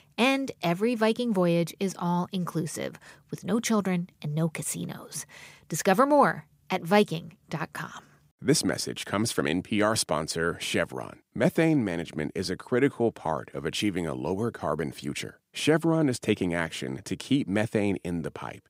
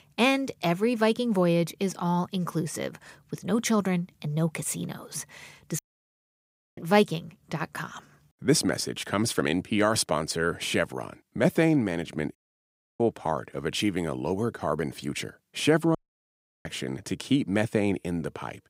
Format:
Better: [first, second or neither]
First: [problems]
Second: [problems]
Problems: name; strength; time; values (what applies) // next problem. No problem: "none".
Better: first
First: none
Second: audio cutting out; at 6 s for 1 s, at 12 s for 0.5 s and at 16 s for 0.5 s